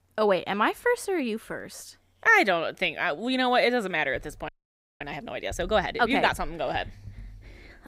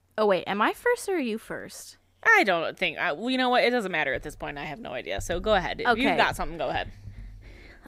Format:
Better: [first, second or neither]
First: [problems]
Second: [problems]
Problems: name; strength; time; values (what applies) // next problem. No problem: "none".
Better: second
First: audio freezing; at 4.5 s for 0.5 s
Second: none